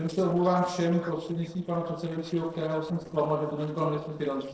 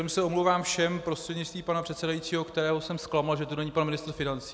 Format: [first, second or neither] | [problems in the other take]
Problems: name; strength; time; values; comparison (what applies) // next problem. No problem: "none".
second | noise reduction (neural separator model SepFormer DNS4)